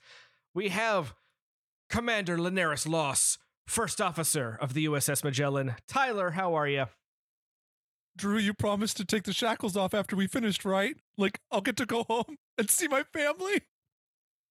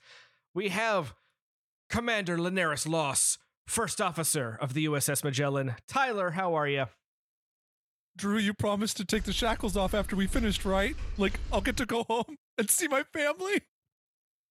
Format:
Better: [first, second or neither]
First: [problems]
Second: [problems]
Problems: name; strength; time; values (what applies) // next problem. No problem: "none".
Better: first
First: none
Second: keyboard typing; noticeable; from 9 to 12 s; peak 9 dB below the speech